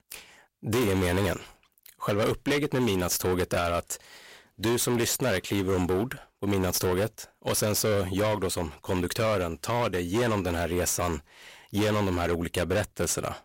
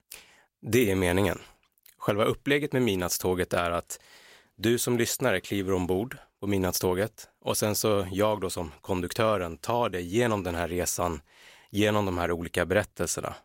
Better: second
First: distortion; heavy; 18% of the sound clipped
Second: none

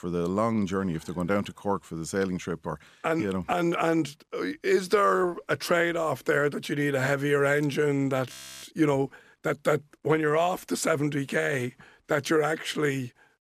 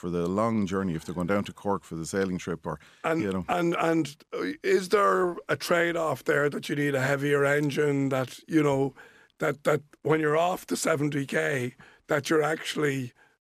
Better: second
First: audio freezing; at 8.5 s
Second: none

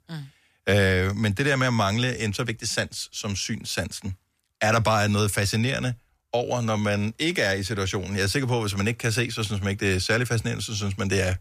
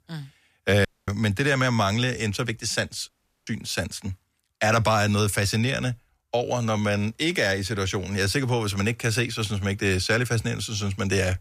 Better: first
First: none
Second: audio cutting out; at 1 s and at 3 s

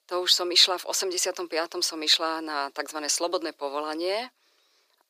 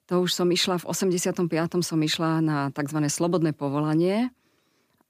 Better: second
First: thin; very; fading below 400 Hz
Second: none

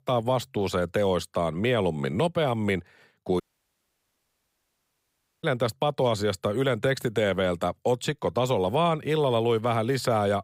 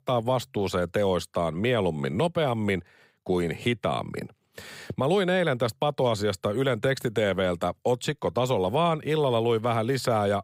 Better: second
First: audio cutting out; at 3.5 s for 2 s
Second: none

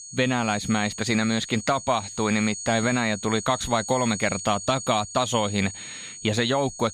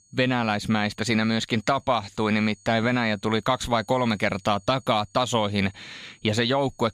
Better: second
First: high-pitched whine; loud; throughout; 6.5 kHz, 10 dB below the speech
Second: high-pitched whine; faint; throughout; 6.5 kHz, 30 dB below the speech

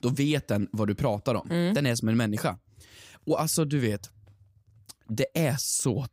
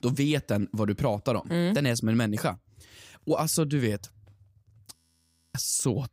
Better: first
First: none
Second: audio freezing; at 5 s for 0.5 s

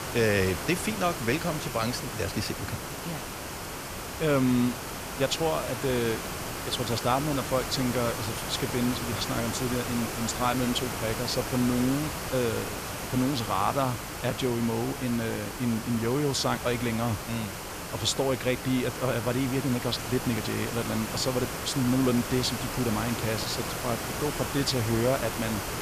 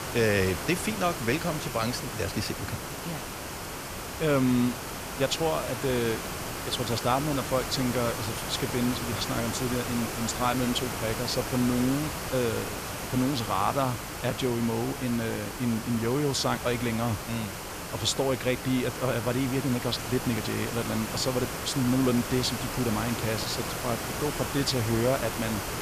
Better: neither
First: hiss; loud; throughout; 5 dB below the speech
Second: hiss; loud; throughout; 5 dB below the speech

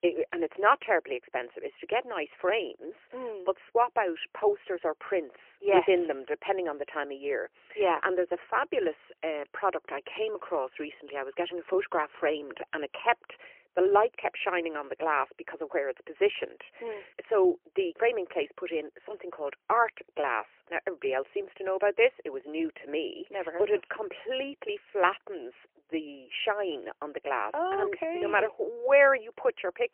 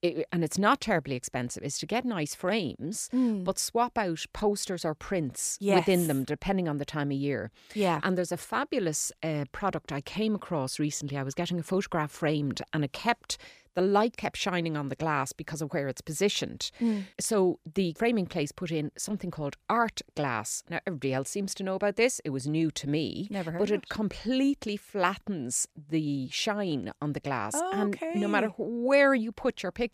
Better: second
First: phone-call audio; poor line; nothing above 3 kHz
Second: none

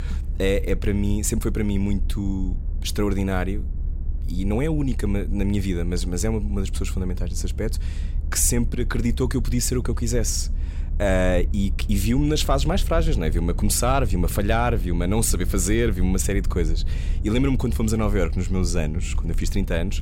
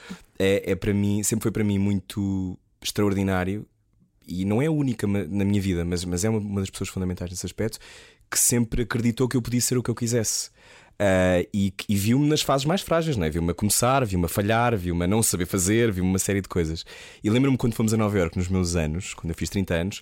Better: second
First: low rumble; noticeable; throughout; 20 dB below the speech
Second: none

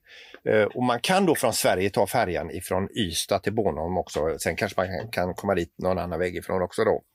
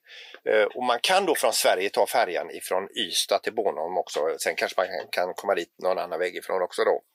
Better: first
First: none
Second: thin; somewhat; fading below 500 Hz

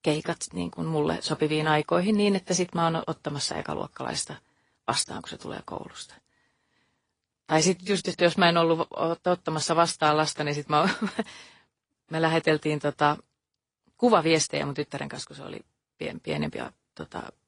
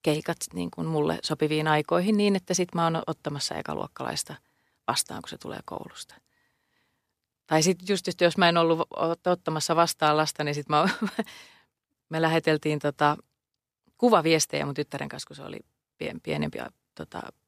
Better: second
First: garbled, watery; slightly; nothing above 10 kHz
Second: none

